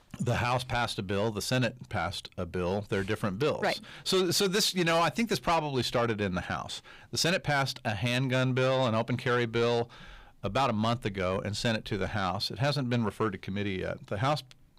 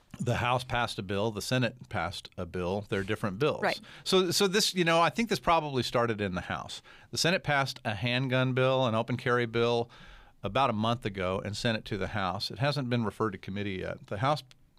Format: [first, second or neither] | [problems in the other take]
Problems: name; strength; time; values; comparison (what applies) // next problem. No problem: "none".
second | distortion; slight; 10 dB below the speech